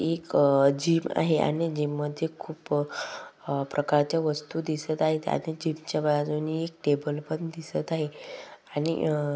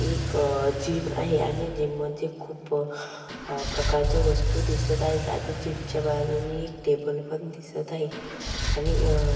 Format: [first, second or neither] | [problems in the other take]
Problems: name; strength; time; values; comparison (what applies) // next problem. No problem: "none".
first | background sound (Engine / Car); as loud as the speech // room echo; dies away in 2.3 s